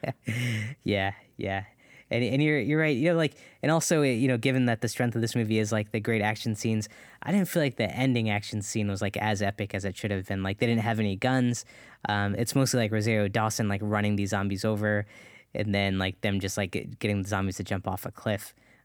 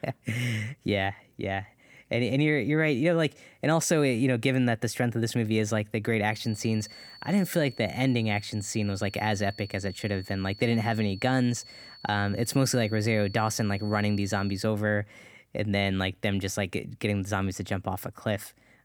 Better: first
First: none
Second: high-pitched whine; noticeable; from 6.5 to 15 s; 4.5 kHz, 20 dB below the speech

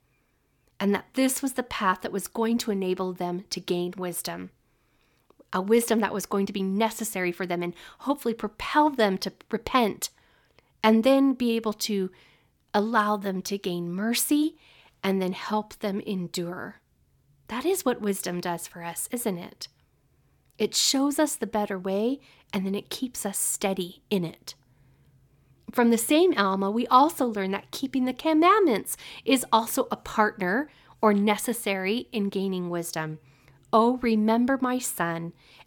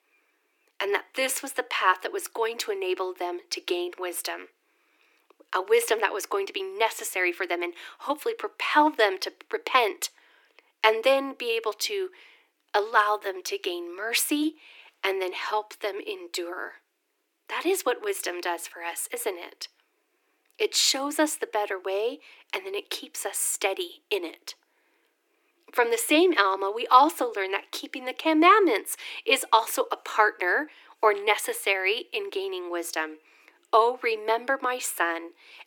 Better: first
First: none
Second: thin; very; fading below 300 Hz

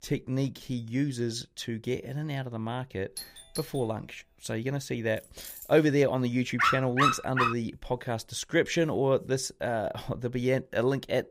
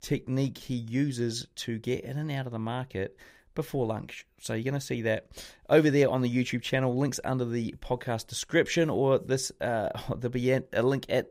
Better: second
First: doorbell; faint; at 3 s; peak 10 dB below the speech // jangling keys; faint; at 5 s; peak 15 dB below the speech // dog barking; loud; at 6.5 s; peak 4 dB above the speech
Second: none

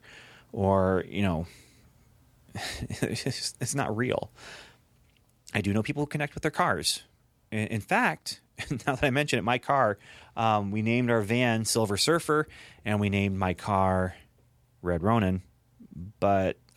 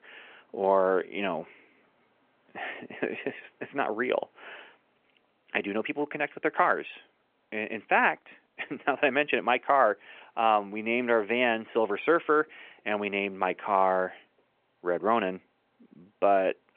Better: first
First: none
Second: phone-call audio

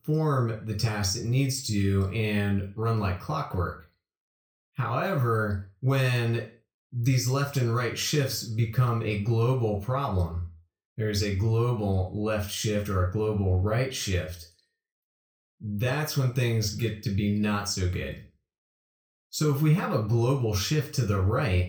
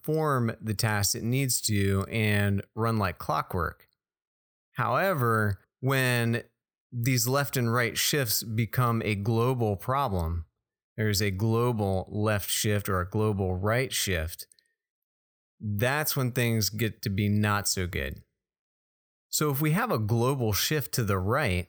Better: second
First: room echo; slight; dies away in 0.3 s // off-mic speech; far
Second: none

